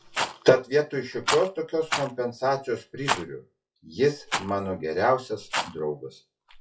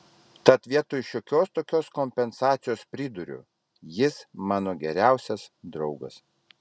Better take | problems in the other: second | noise reduction (classical method WPE with log-MMSE)

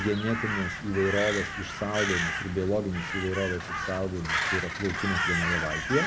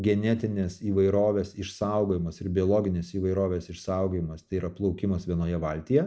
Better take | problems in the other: second | background sound (Crow); 2 dB below the speech

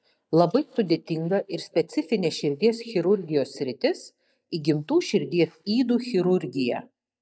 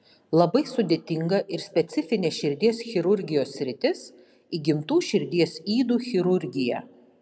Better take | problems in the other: second | noise reduction (neural mask model DeepFilterNet 3)

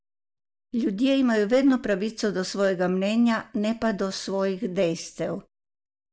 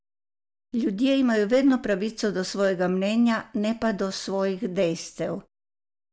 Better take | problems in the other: second | noise reduction (neural mask model Resemble Enhance denoiser)

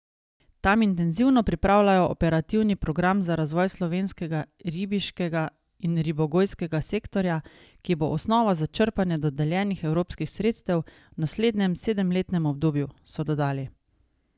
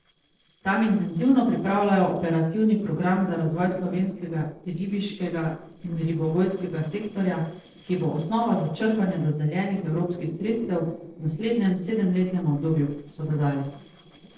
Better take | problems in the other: first | noise reduction (neural separator model SepFormer DNS4)

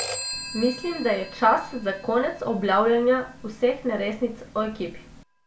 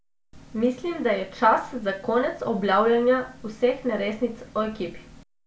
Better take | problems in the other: second | background sound (Telephone); 14 dB below the speech

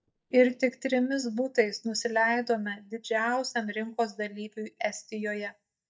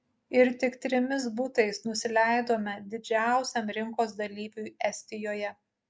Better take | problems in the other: second | noise reduction (neural mask model DeepFilterNet 3)

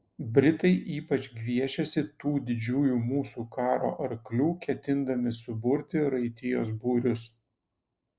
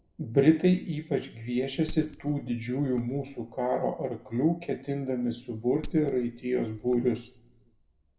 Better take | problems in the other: first | background sound (Glass); 19 dB below the speech // room echo; dies away in 0.5 s

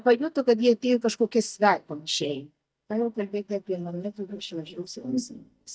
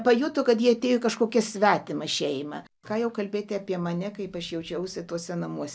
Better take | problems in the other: second | noise reduction (neural mask model DeepFilterNet 3)

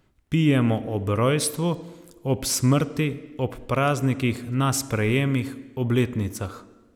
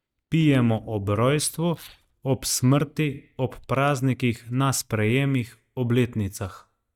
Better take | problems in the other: first | noise reduction (neural mask model DeepFilterNet 3)

